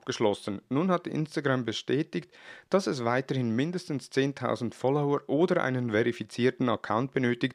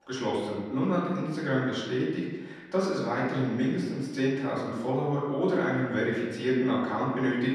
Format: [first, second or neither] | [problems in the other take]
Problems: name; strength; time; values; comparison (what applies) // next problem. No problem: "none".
first | off-mic speech; far // room echo; noticeable; dies away in 1.2 s